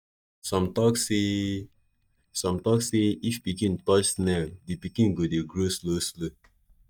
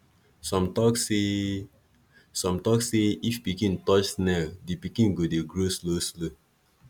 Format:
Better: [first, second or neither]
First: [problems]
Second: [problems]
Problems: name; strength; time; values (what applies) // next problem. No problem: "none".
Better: second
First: noise reduction (neural mask model DeepFilterNet 3)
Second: none